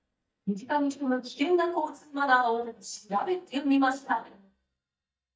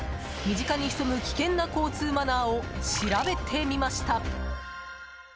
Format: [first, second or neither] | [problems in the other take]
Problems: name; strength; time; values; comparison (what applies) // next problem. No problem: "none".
second | noise reduction (neural mask model DeepFilterNet 3)